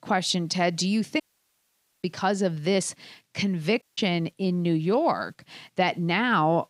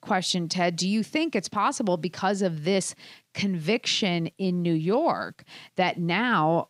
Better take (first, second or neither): second